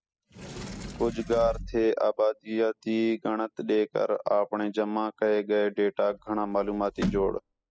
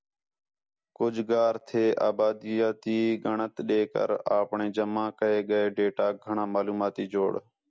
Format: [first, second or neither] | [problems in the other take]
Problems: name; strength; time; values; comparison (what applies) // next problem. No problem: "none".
second | noise reduction (classical method spectral subtraction)